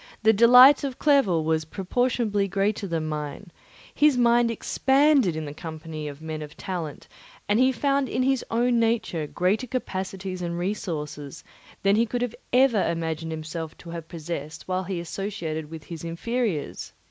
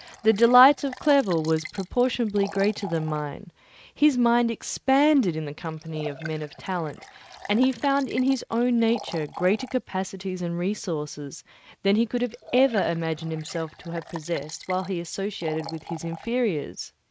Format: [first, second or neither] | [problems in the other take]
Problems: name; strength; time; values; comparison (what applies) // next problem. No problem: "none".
first | noise reduction (neural mask model RNNoise)